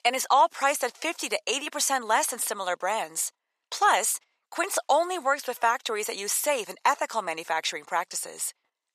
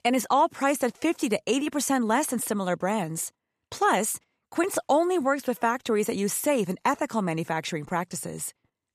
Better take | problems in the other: second | thin; very; fading below 750 Hz

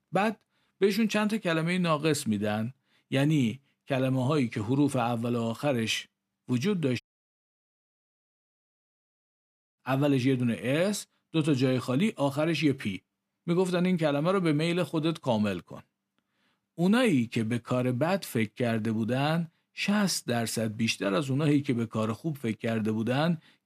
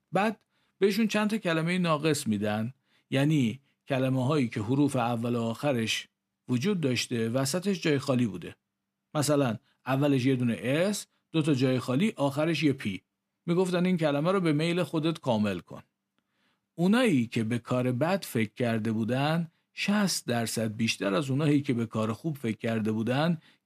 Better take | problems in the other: second | audio cutting out; at 7 s for 3 s

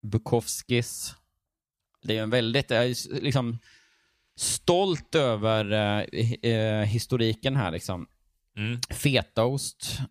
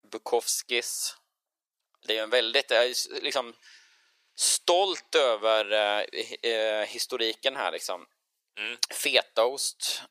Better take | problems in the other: first | thin; very; fading below 450 Hz

